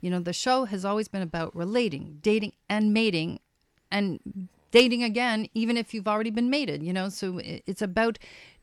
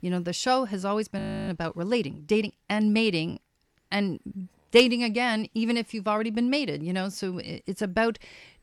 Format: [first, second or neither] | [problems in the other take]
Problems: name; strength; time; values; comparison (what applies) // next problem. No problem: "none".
first | audio freezing; at 1 s